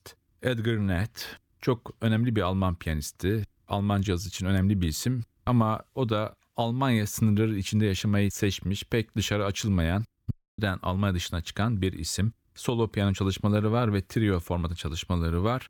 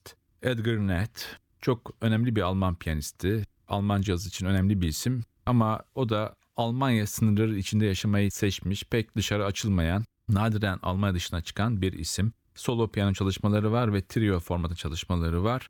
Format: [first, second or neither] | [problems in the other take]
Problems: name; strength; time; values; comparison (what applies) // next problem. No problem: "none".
second | audio cutting out; at 10 s